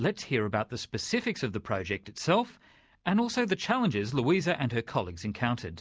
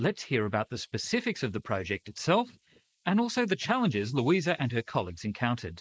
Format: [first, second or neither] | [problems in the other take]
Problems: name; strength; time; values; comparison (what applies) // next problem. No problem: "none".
first | noise reduction (neural mask model Resemble Enhance denoiser)